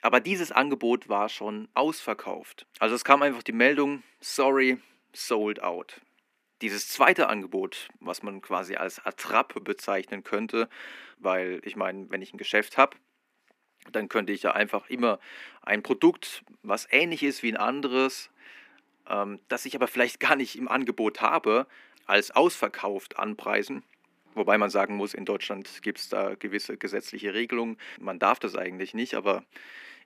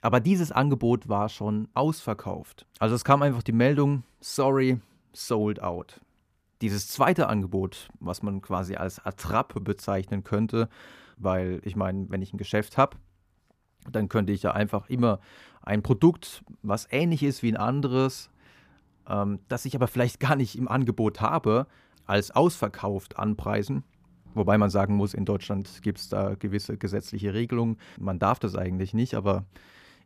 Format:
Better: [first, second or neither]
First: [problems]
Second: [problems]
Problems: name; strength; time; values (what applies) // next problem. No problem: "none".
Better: second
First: thin; somewhat; fading below 250 Hz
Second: none